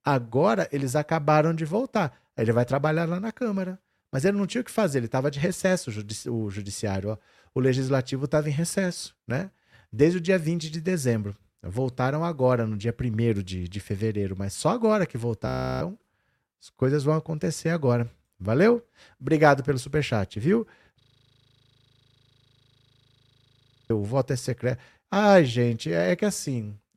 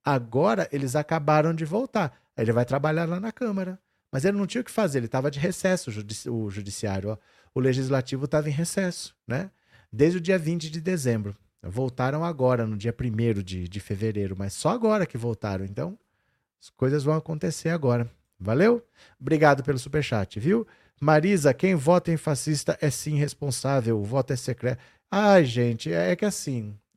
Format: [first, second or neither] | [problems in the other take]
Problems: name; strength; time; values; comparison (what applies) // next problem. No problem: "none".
second | audio freezing; at 15 s and at 21 s for 3 s